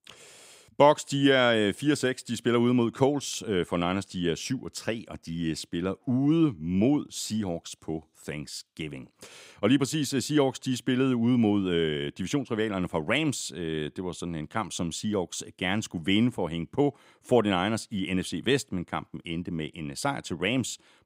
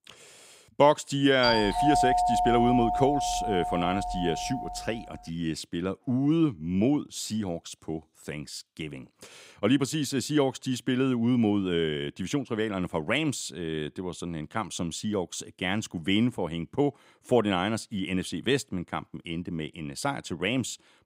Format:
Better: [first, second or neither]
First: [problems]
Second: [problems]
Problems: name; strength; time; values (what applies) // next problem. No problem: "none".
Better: first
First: none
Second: doorbell; loud; from 1.5 to 5 s; peak 5 dB above the speech